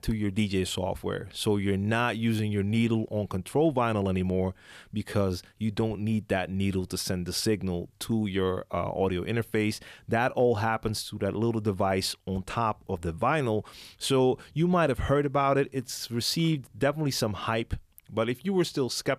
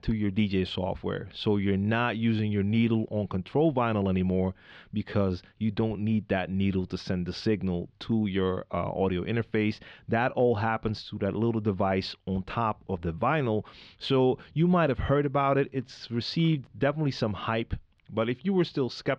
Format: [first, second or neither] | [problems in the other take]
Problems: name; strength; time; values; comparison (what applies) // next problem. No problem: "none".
first | muffled; very slightly; fading above 4 kHz